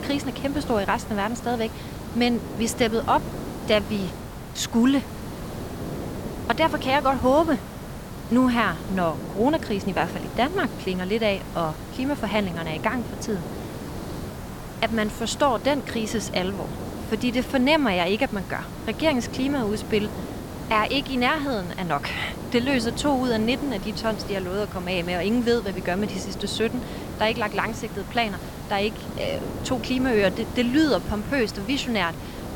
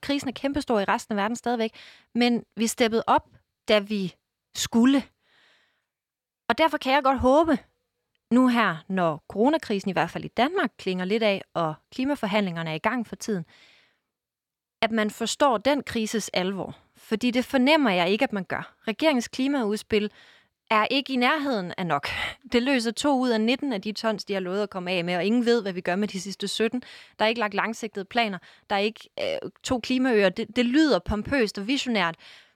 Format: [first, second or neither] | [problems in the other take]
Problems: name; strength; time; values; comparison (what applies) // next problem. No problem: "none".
second | hiss; loud; throughout; 10 dB below the speech